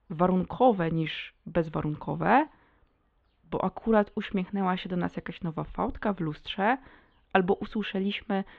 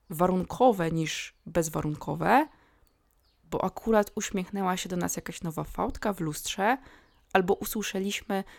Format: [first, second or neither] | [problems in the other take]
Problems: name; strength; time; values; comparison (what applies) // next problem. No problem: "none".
second | muffled; very; fading above 3.5 kHz